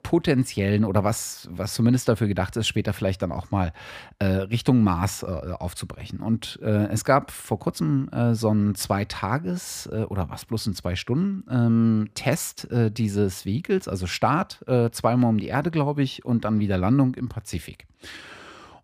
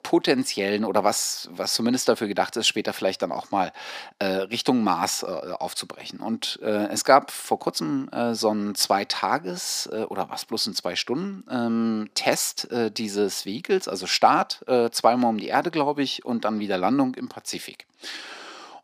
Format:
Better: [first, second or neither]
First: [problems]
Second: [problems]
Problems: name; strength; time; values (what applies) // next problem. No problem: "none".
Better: first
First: none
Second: thin; somewhat; fading below 250 Hz